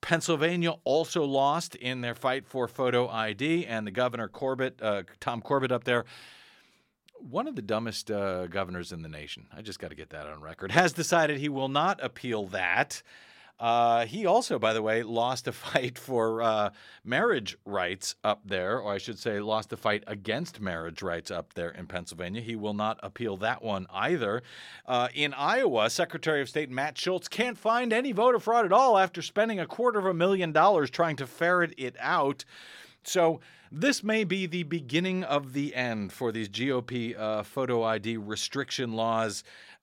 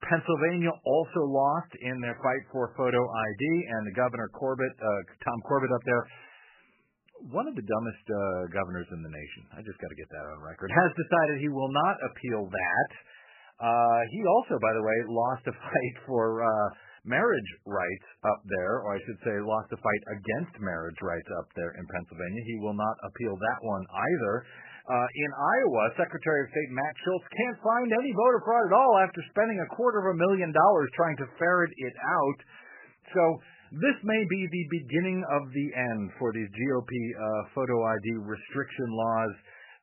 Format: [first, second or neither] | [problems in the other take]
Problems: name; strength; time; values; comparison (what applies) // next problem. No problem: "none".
first | garbled, watery; badly; nothing above 3 kHz